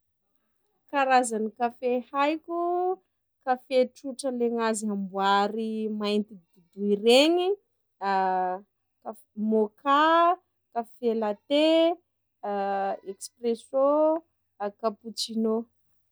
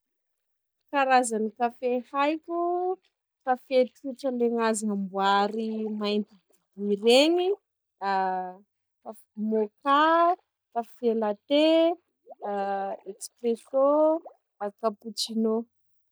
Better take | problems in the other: first | noise reduction (neural mask model DeepFilterNet 3)

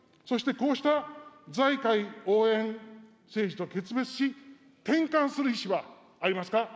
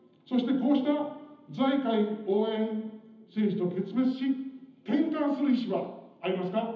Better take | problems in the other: first | room echo; dies away in 0.8 s

